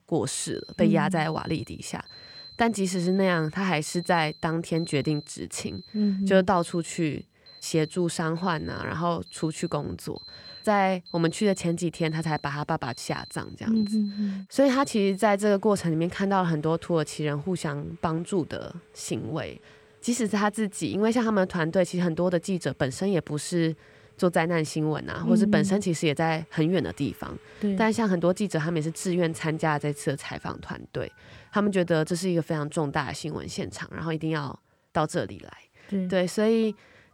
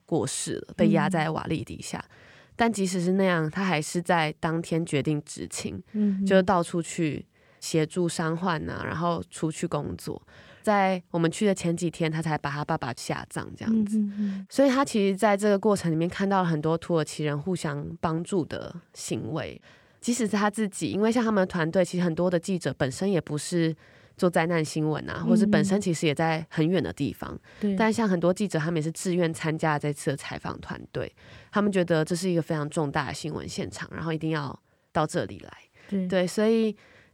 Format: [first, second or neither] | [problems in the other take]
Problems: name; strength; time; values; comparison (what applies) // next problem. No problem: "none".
second | alarms or sirens; faint; throughout; 20 dB below the speech